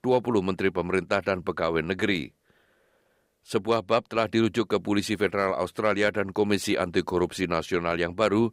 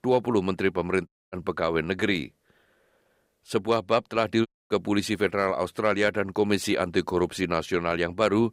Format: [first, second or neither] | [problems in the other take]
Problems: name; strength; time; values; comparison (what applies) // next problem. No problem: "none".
first | audio cutting out; at 1 s and at 4.5 s